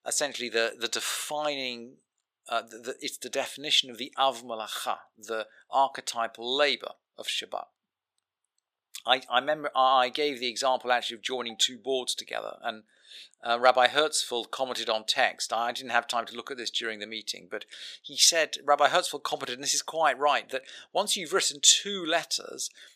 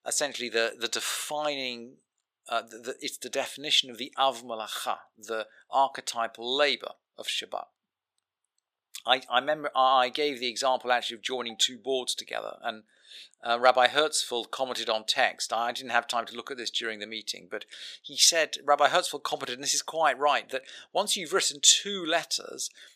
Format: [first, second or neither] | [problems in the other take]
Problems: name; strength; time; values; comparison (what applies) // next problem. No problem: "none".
neither | thin; very; fading below 650 Hz; the same in both